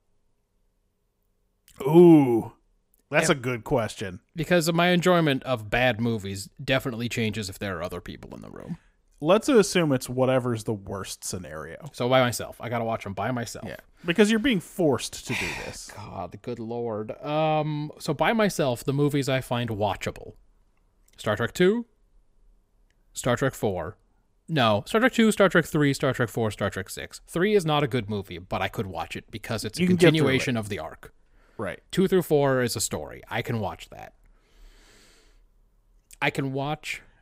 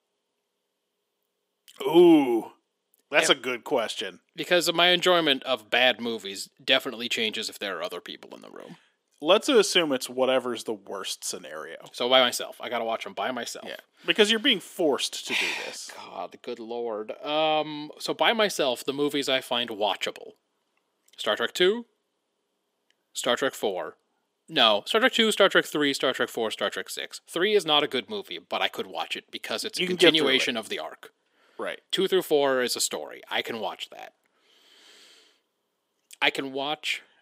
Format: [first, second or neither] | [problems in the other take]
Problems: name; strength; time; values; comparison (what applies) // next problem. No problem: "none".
first | thin; somewhat; fading below 300 Hz